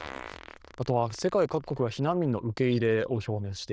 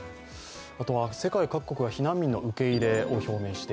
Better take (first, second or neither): second